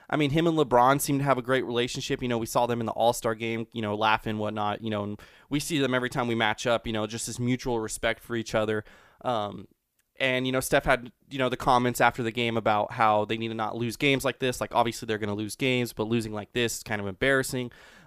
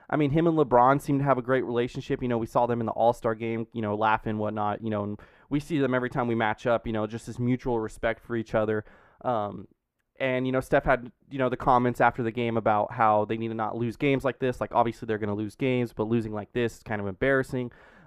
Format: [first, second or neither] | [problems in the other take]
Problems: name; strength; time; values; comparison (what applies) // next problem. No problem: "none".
first | muffled; very; fading above 2.5 kHz